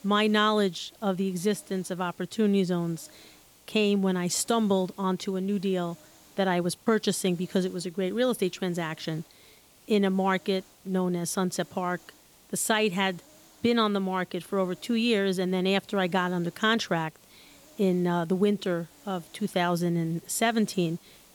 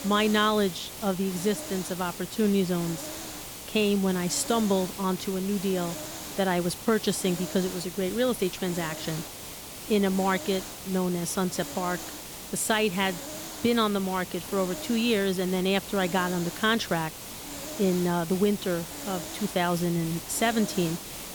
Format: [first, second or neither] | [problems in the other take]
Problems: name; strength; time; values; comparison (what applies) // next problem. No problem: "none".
first | hiss; loud; throughout; 9 dB below the speech; faint in the first